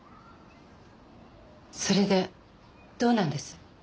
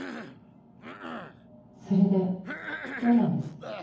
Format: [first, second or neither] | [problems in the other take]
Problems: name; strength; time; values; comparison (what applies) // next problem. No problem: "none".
first | background sound (Cough); 12 dB below the speech // room echo; dies away in 0.9 s